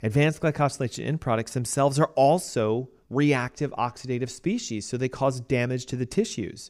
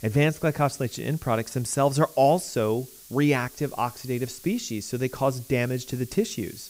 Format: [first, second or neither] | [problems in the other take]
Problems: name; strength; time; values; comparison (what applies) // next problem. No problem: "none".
first | hiss; noticeable; throughout; 20 dB below the speech